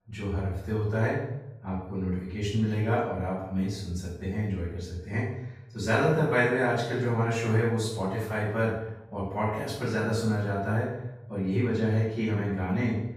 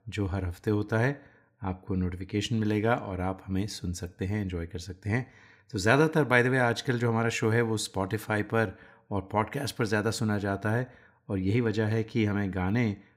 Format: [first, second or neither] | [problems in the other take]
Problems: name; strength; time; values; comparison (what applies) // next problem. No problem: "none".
second | room echo; noticeable; dies away in 0.7 s // off-mic speech; far